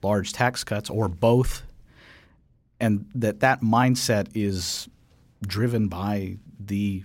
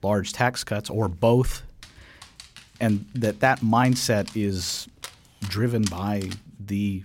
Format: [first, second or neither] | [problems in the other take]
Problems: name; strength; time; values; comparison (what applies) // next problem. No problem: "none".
first | dog barking; faint; from 2 to 6.5 s; peak 10 dB below the speech